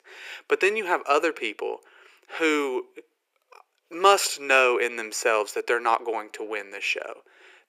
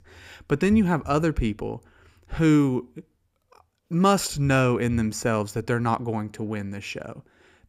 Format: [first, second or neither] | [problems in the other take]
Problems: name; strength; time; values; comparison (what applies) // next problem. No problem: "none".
second | thin; very; fading below 400 Hz